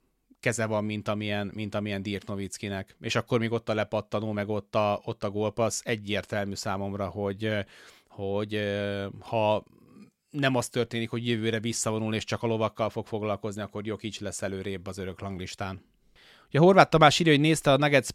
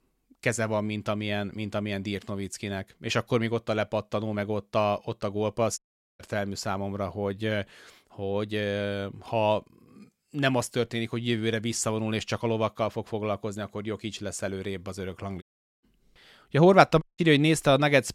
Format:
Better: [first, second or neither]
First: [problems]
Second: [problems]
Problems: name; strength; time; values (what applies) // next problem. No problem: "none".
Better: first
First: none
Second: audio cutting out; at 6 s, at 15 s and at 17 s